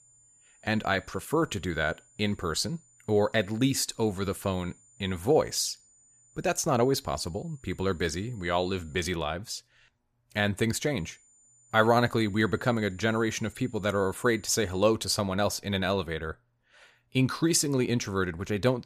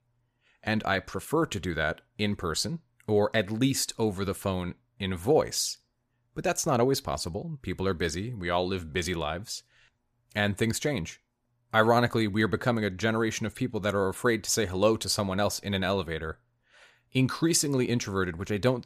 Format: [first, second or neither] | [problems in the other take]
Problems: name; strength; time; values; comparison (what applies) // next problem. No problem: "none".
second | high-pitched whine; faint; until 9 s and from 11 to 15 s; 7 kHz, 30 dB below the speech